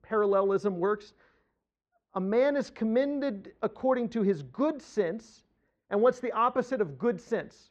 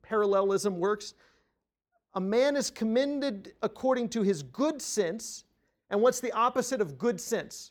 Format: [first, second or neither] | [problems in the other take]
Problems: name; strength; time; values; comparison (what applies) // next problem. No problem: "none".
second | muffled; very; fading above 2.5 kHz